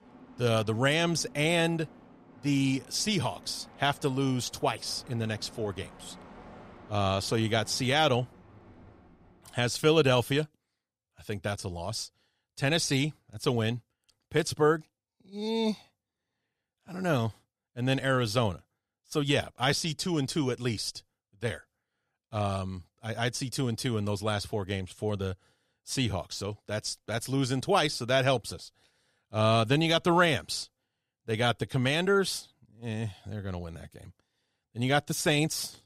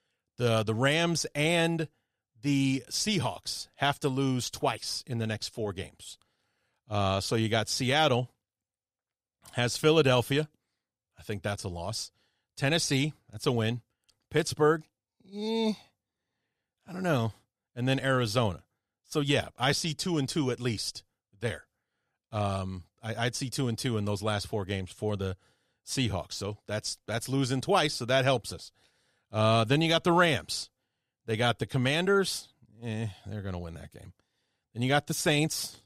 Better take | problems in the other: second | train or aircraft noise; faint; until 9.5 s; 25 dB below the speech

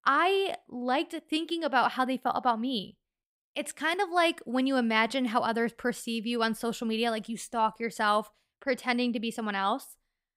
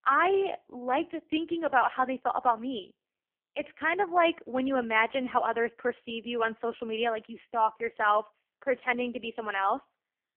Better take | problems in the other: first | phone-call audio; poor line; nothing above 3 kHz

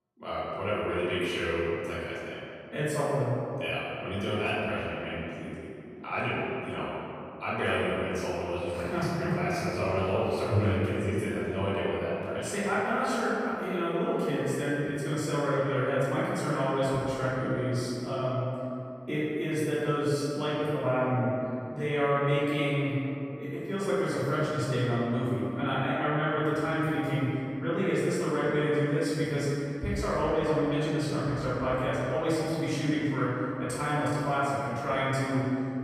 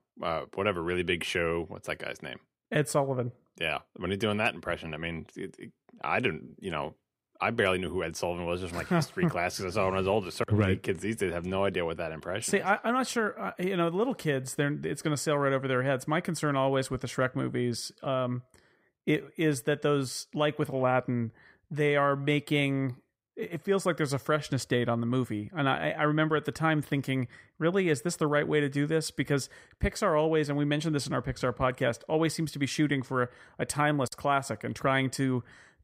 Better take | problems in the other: second | off-mic speech; far // room echo; strong; dies away in 2.3 s

